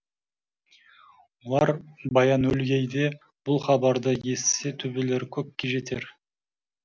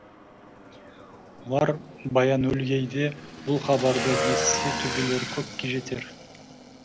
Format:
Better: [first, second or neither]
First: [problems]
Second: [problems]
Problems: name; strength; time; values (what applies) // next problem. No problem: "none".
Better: first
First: none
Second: background sound (Motorcycle / Engine); 6 dB below the speech